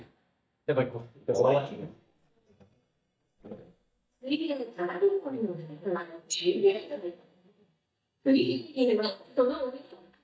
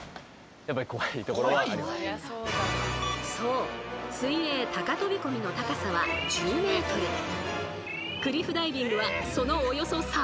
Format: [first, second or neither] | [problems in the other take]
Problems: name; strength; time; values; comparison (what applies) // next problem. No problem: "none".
second | noise reduction (neural mask model DeepFilterNet 3)